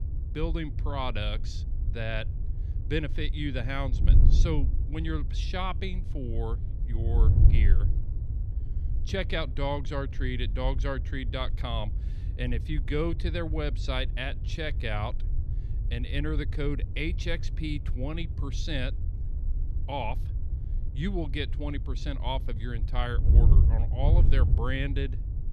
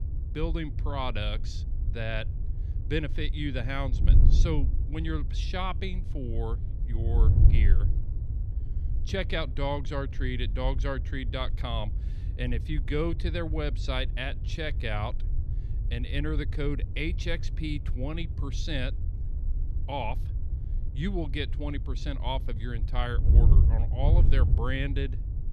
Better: neither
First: wind noise on the microphone; occasional gusts; 10 dB below the speech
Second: wind noise on the microphone; occasional gusts; 10 dB below the speech

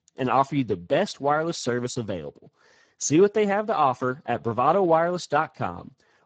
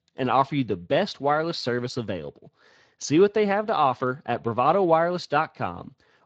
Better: second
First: garbled, watery; badly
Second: garbled, watery; slightly

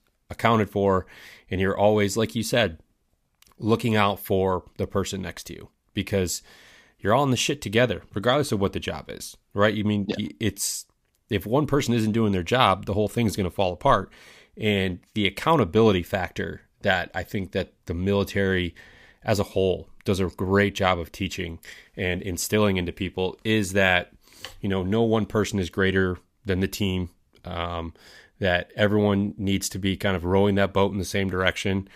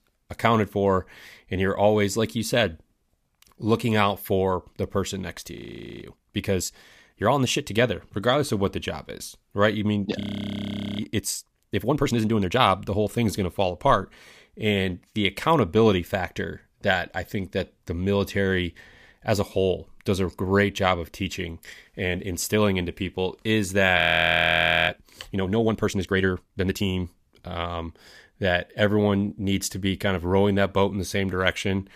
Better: first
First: none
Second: audio freezing; at 5.5 s, at 10 s for 1 s and at 24 s for 1 s

